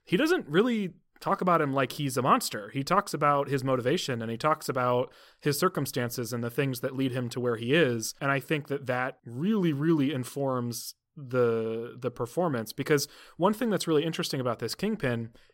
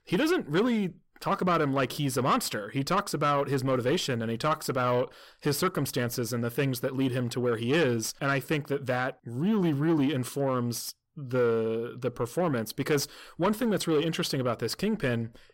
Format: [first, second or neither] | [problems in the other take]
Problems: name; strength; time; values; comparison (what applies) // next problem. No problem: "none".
first | distortion; slight; 10 dB below the speech